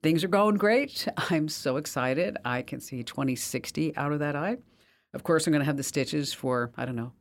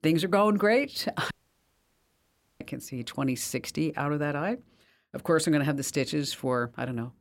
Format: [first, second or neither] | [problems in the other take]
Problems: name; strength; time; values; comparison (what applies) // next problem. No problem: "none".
first | audio cutting out; at 1.5 s for 1.5 s